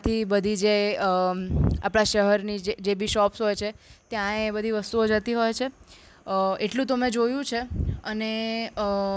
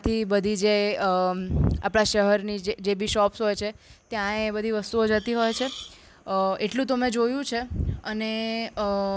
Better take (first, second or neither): first